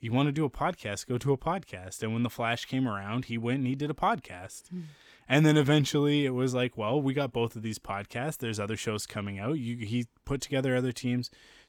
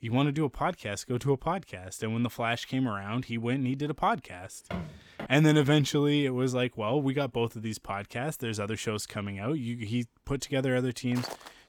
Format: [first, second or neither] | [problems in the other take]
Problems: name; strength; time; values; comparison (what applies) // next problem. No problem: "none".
first | footsteps; faint; at 4.5 s and at 11 s; peak 10 dB below the speech